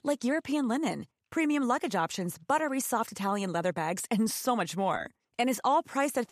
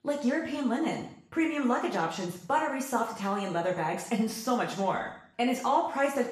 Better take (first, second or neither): first